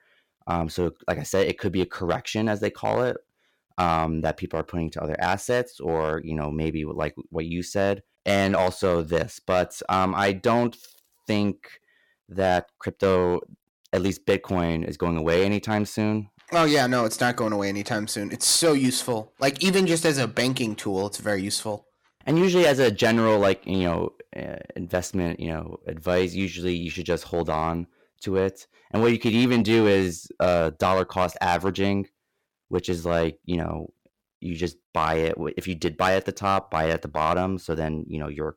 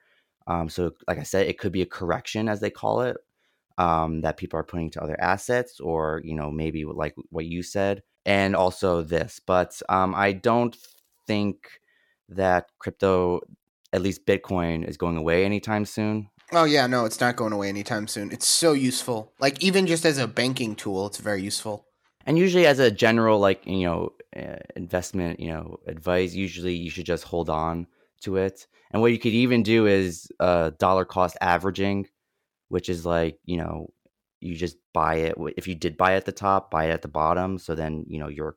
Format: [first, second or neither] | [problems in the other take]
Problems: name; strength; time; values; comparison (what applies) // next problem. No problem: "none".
second | distortion; slight; 3% of the sound clipped